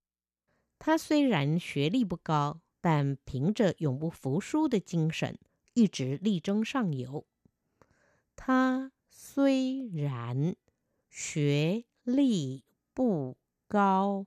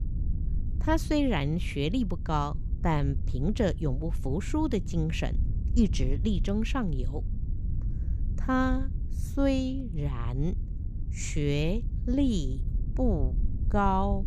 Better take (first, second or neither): first